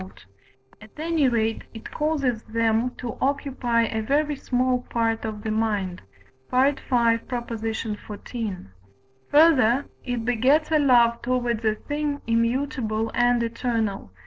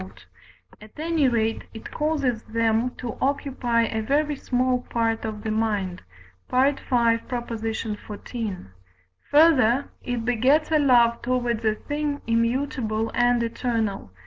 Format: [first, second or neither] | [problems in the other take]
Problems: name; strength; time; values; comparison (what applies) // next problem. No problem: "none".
second | noise reduction (neural separator model SepFormer DNS4)